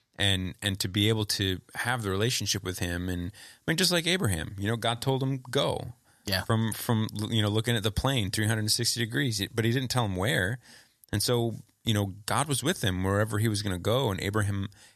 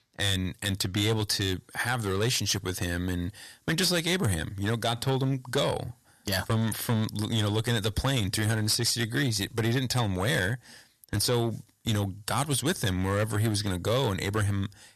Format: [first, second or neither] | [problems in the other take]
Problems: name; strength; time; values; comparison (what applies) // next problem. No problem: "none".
first | distortion; slight; 8% of the sound clipped